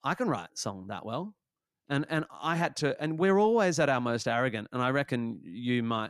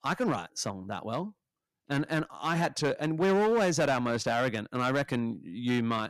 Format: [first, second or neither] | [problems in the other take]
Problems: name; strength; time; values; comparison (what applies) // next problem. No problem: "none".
first | distortion; slight; 7% of the sound clipped